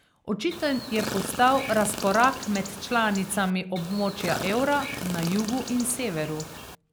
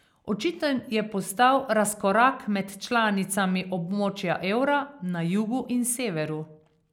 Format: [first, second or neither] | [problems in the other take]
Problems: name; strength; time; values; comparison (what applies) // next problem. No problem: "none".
second | background sound (Chirp, tweet); 10 dB below the speech